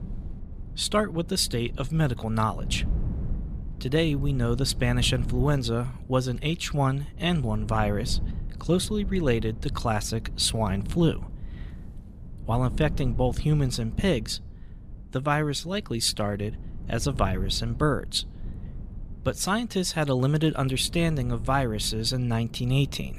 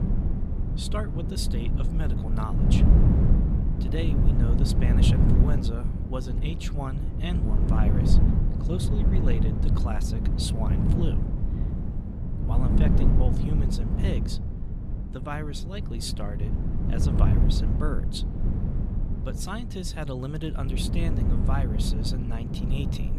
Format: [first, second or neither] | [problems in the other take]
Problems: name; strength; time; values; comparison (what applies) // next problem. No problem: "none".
first | wind noise on the microphone; heavy; as loud as the speech; occasional gusts in the first